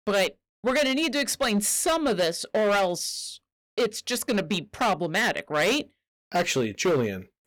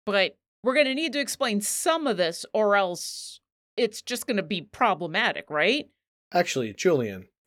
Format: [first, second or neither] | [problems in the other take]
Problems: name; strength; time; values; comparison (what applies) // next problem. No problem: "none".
second | distortion; heavy; 11% of the sound clipped